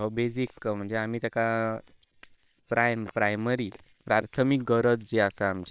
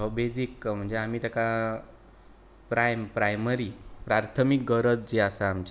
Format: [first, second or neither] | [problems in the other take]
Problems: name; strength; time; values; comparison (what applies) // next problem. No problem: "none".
second | noise reduction (neural separator model SepFormer WHAM!)